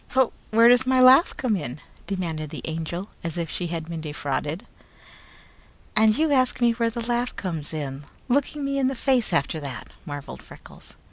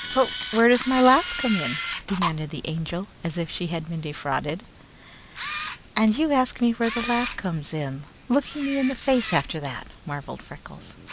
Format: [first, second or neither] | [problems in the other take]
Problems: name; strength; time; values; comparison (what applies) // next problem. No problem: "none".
first | background sound (Camera); 11 dB below the speech